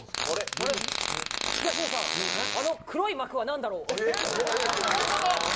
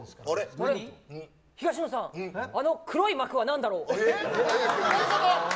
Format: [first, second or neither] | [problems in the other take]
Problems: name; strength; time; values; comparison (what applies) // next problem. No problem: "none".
second | background sound (Fart); 2 dB below the speech